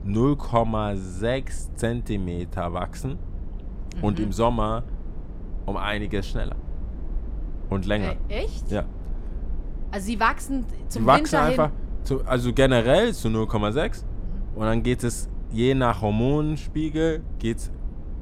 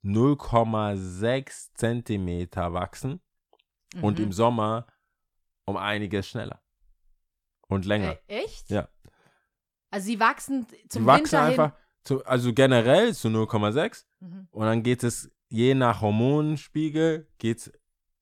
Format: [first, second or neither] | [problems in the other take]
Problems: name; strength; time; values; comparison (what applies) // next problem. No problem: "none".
second | low rumble; faint; throughout; 25 dB below the speech